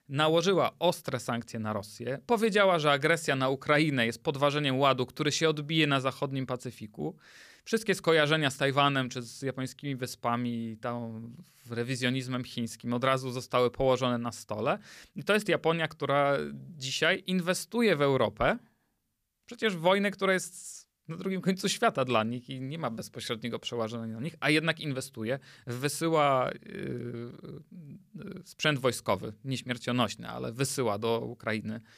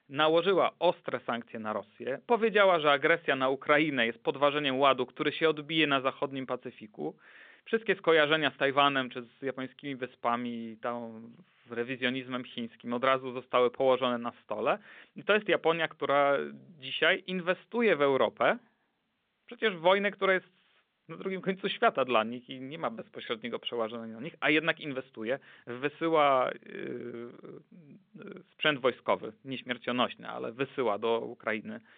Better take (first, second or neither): first